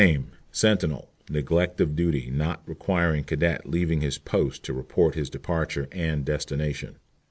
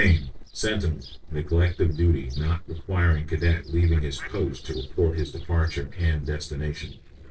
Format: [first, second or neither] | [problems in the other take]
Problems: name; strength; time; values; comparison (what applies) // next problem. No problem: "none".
first | noise reduction (neural separator model SepFormer DNS4)